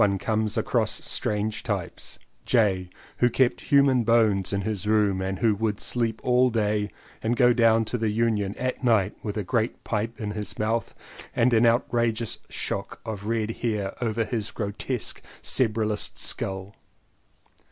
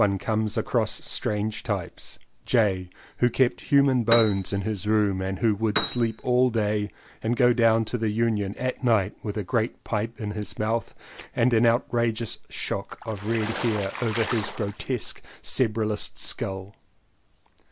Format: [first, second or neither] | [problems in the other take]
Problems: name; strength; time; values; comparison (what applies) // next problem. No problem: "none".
first | background sound (Water / Splash, splatter + Piano); 9 dB below the speech